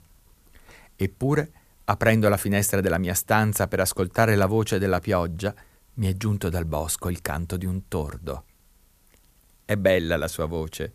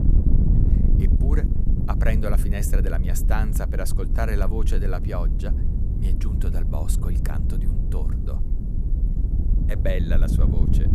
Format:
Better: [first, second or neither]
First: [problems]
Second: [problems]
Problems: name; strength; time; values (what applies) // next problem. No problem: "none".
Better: first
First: none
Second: wind noise on the microphone; heavy; 4 dB below the speech